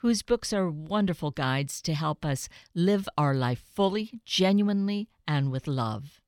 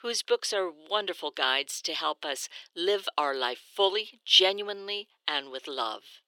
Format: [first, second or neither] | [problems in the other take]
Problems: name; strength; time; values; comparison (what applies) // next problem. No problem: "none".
first | thin; very; fading below 350 Hz